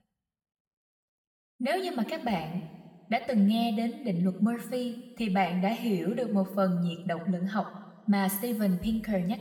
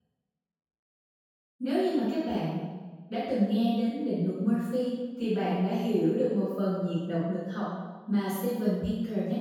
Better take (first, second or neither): first